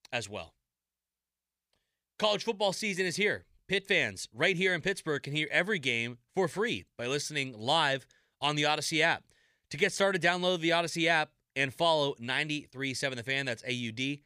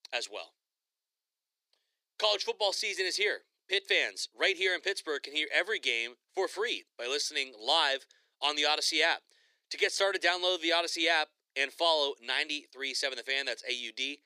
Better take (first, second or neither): first